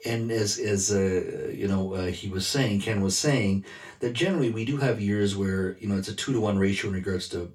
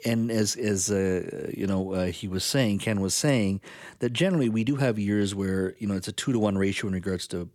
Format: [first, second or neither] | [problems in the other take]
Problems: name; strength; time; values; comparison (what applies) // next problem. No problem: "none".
second | room echo; very slight; dies away in 0.3 s // off-mic speech; far